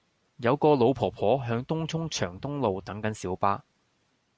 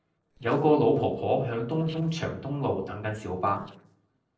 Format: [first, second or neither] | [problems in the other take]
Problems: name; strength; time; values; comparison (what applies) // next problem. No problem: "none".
first | noise reduction (neural separator model SepFormer DNS4)